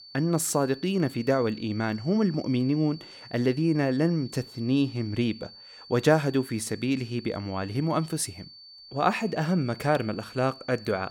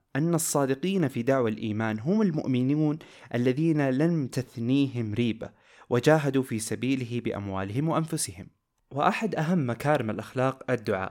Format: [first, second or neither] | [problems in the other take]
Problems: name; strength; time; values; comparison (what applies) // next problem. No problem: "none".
second | high-pitched whine; noticeable; throughout; 4.5 kHz, 20 dB below the speech